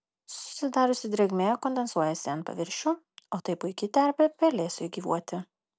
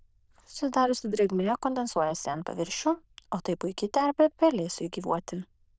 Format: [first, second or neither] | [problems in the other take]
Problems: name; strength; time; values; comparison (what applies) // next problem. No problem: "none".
first | noise reduction (neural diffusion model UNIVERSE++)